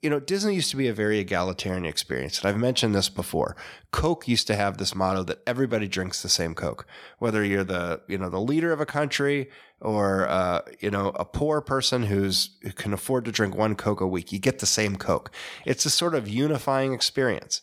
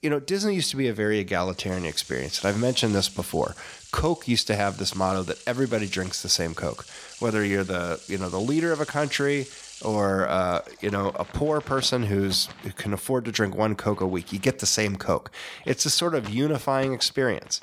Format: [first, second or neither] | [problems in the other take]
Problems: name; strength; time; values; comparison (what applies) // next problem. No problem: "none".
first | household noises; noticeable; throughout; 20 dB below the speech